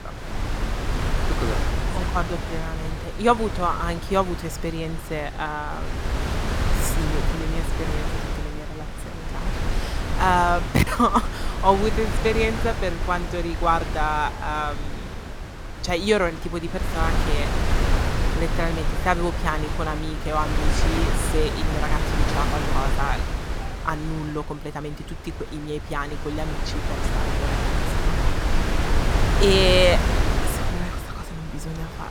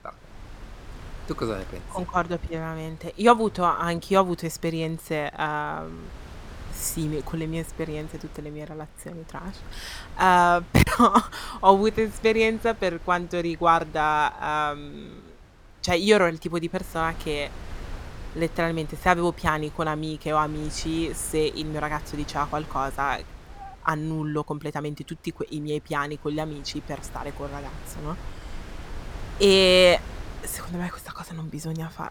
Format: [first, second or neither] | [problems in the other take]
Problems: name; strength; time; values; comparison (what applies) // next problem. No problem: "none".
second | wind noise on the microphone; heavy; 6 dB below the speech; occasional gusts in the second